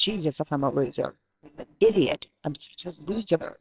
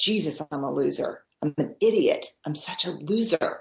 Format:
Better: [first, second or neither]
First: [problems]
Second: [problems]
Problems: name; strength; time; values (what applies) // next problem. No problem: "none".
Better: second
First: noise reduction (neural separator model SepFormer WHAMR!)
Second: none